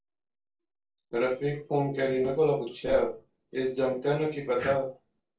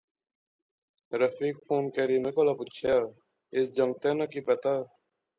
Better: second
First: noise reduction (neural separator model SepFormer DNS4)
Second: none

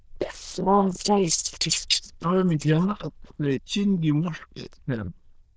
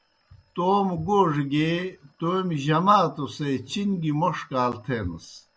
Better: second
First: noise reduction (neural diffusion model UNIVERSE++)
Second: none

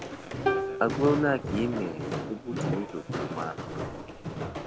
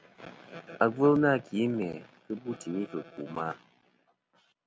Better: second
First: background sound (Walk, footsteps + Plucked string instrument); 1 dB below the speech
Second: none

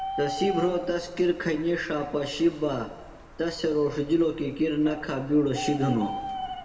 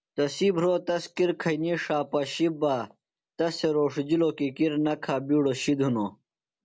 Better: second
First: background sound (Bird); 11 dB below the speech // room echo; dies away in 1.4 s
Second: none

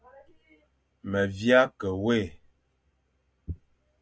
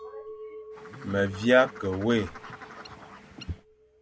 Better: first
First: none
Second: background sound (Chink, clink + Bird); 15 dB below the speech

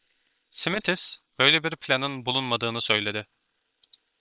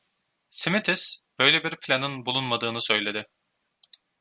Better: second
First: noise reduction (neural separator model SepFormer WHAM!)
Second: none

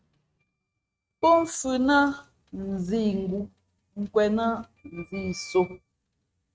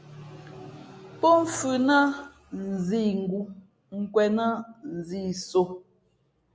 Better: second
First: noise reduction (neural mask model RNNoise)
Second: none

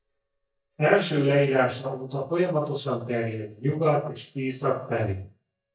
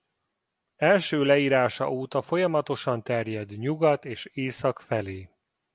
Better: second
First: noise reduction (neural mask model DeepFilterNet 3)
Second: none

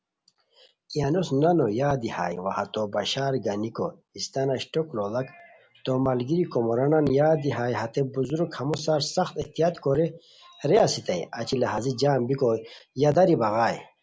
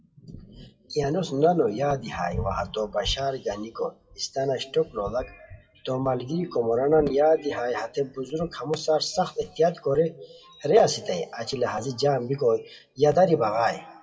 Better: first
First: none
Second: noise reduction (classical method WPE with log-MMSE)

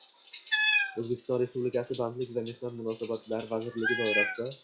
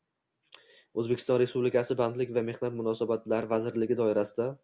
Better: second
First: noise reduction (classical method log-MMSE)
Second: none

